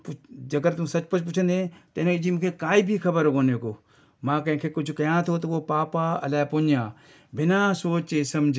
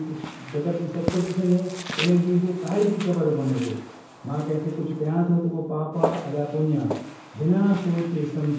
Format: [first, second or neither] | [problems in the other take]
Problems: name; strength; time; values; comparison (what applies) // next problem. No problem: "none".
first | background sound (Walk, footsteps); 10 dB below the speech // room echo; dies away in 0.9 s